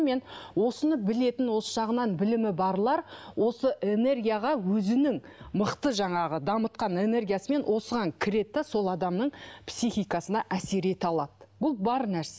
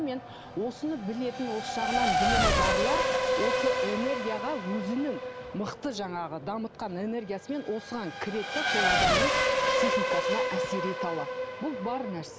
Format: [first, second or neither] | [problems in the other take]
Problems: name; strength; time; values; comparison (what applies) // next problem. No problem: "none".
first | background sound (Race car, auto racing / Accelerating, revving, vroom); 4 dB above the speech